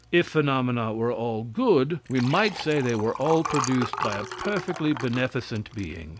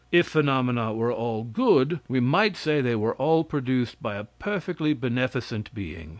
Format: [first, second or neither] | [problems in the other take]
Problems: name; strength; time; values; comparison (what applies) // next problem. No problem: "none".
second | background sound (Liquid); 11 dB below the speech